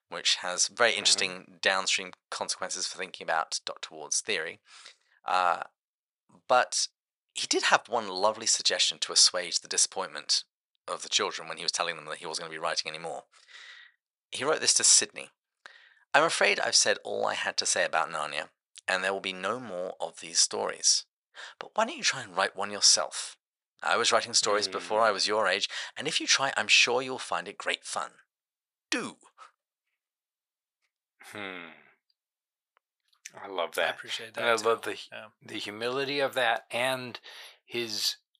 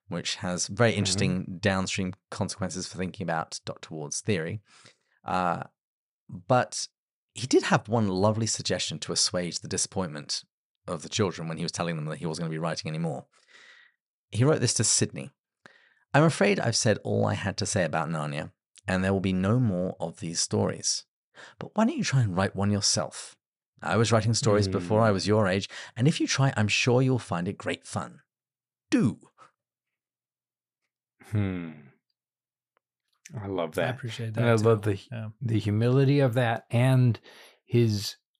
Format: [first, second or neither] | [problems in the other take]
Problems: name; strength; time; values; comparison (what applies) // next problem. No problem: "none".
second | thin; very; fading below 700 Hz